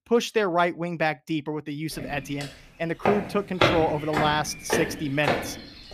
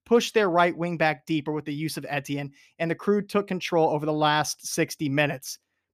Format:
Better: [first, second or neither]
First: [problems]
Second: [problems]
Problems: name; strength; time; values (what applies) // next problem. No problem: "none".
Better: second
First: footsteps; loud; from 2 s on; peak 4 dB above the speech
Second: none